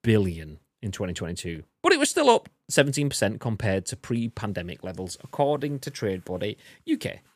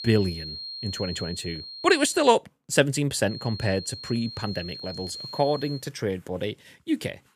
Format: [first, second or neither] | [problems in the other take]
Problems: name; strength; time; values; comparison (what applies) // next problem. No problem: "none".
first | high-pitched whine; loud; until 2 s and from 3.5 to 6 s; 4 kHz, 10 dB below the speech